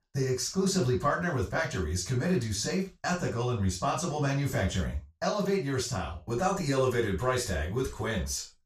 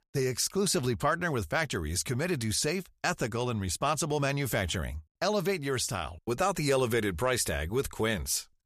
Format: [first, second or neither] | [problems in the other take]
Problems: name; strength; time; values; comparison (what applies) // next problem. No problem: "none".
second | room echo; slight; dies away in 0.3 s // off-mic speech; far